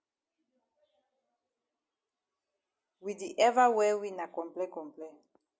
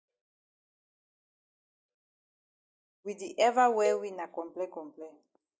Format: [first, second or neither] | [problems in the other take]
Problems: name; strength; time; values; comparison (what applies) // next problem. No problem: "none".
first | noise reduction (neural mask model DeepFilterNet 3)